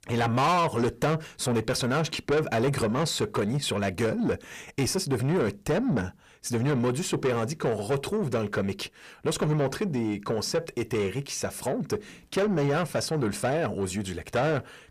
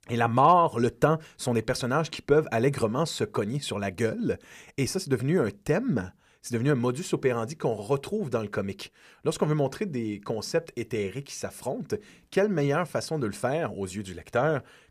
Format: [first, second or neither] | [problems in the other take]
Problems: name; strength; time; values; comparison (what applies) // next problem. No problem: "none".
second | distortion; heavy; 7 dB below the speech